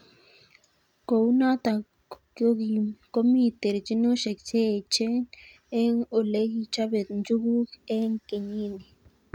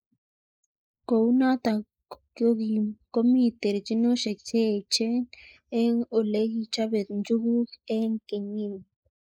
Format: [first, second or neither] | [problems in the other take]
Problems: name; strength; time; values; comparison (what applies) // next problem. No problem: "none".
first | noise reduction (neural mask model Resemble Enhance denoiser)